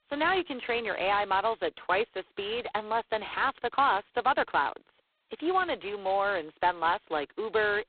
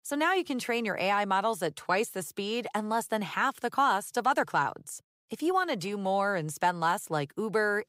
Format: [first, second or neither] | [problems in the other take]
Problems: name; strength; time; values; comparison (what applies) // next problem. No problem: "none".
second | phone-call audio; poor line; nothing above 4 kHz